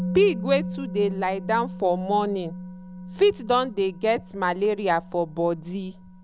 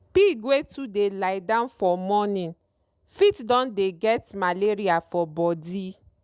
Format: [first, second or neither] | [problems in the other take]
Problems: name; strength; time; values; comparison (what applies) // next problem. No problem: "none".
second | background sound (Musical instrument); 10 dB below the speech